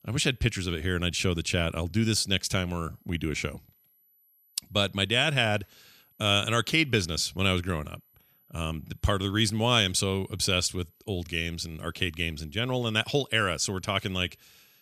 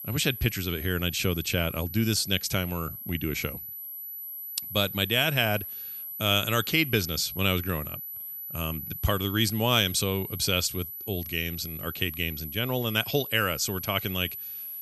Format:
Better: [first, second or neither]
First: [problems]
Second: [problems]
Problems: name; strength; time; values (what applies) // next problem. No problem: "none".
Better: first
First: high-pitched whine; faint; throughout; 12 kHz, 35 dB below the speech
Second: high-pitched whine; loud; throughout; 12 kHz, 8 dB below the speech